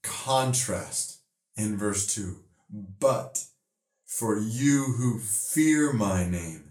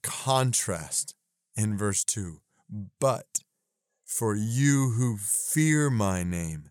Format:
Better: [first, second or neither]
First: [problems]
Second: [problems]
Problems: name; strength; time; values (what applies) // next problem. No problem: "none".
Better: second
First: off-mic speech; far // room echo; very slight; dies away in 0.3 s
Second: none